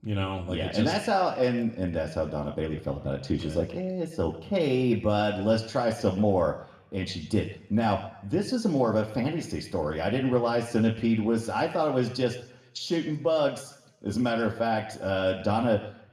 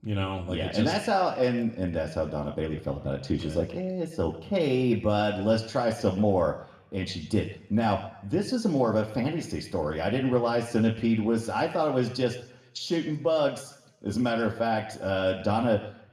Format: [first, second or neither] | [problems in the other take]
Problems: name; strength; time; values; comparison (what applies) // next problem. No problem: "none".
neither | room echo; very slight; dies away in 0.7 s; the same in both